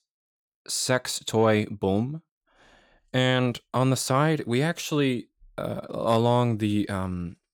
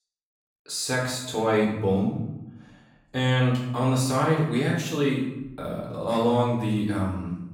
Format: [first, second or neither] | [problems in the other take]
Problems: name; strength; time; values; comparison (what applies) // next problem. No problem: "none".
first | off-mic speech; far // room echo; noticeable; dies away in 0.8 s